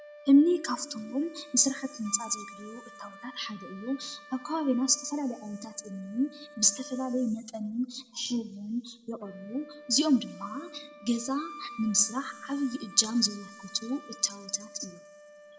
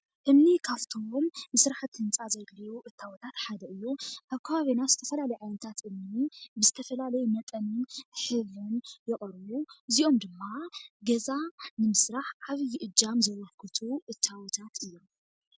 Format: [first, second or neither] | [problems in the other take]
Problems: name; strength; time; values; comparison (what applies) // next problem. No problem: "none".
second | background sound (Wind instrument, woodwind instrument); 19 dB below the speech // room echo; dies away in 1.6 s